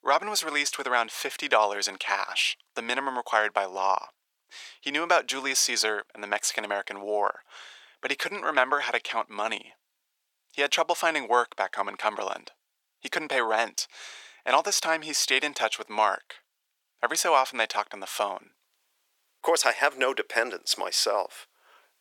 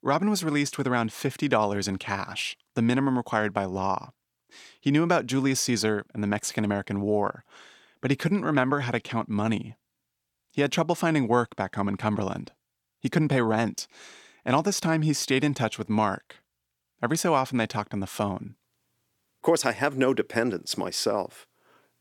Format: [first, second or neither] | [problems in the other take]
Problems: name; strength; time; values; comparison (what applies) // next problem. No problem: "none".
second | thin; very; fading below 550 Hz